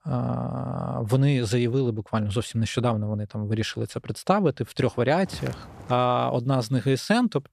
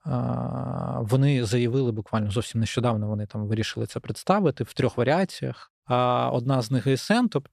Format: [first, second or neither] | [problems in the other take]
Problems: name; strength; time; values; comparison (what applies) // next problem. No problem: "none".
second | footsteps; faint; at 5.5 s; peak 15 dB below the speech